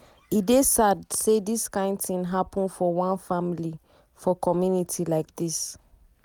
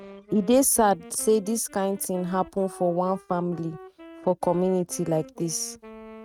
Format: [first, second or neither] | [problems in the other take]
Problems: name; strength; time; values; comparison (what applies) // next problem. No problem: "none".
first | noise reduction (neural mask model RNNoise)